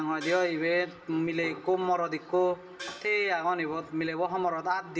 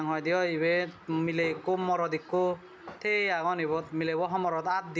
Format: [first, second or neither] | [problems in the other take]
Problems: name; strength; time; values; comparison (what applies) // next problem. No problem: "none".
second | background sound (Gong); 19 dB below the speech // room echo; dies away in 0.6 s